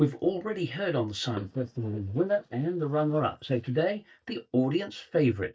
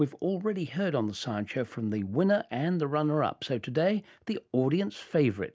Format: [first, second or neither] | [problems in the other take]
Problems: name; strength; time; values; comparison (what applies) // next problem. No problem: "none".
second | noise reduction (neural mask model DeepFilterNet 3)